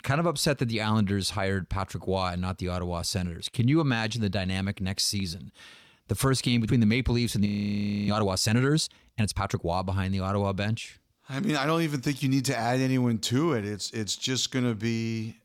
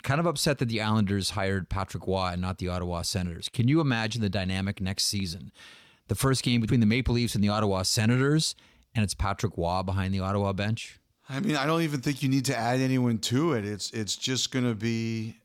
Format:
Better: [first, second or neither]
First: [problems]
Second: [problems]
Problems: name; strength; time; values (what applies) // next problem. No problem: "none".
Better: second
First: audio freezing; at 7.5 s for 0.5 s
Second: none